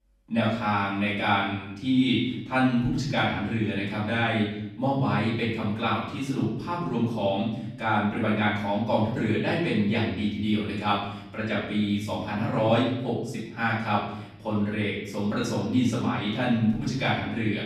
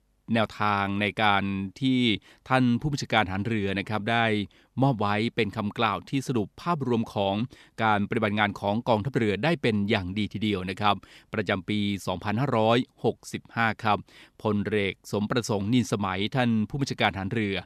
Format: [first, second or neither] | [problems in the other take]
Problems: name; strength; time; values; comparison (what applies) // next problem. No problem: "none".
second | room echo; noticeable; dies away in 0.9 s // off-mic speech; far